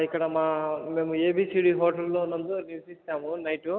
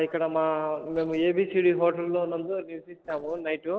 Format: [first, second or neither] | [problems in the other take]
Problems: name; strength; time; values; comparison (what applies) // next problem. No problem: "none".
first | noise reduction (neural separator model SepFormer DNS4)